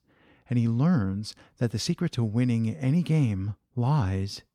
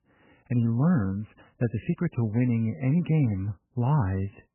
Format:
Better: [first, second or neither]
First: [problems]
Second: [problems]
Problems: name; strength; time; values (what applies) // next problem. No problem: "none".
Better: first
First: none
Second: garbled, watery; badly; nothing above 3 kHz